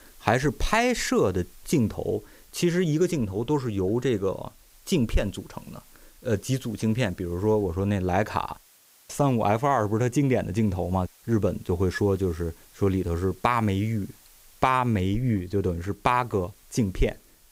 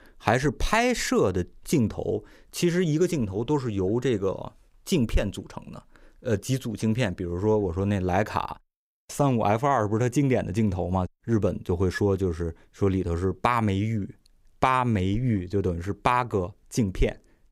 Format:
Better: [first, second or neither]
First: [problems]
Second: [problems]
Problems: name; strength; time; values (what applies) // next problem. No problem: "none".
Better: second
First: hiss; faint; throughout; 30 dB below the speech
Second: none